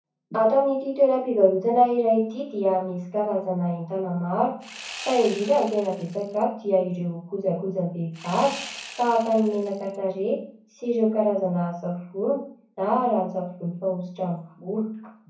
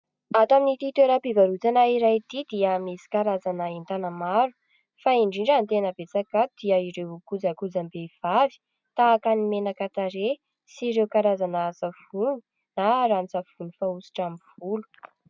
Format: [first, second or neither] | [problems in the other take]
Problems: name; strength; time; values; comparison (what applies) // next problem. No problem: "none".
second | background sound (Sawing); 15 dB below the speech // room echo; dies away in 0.6 s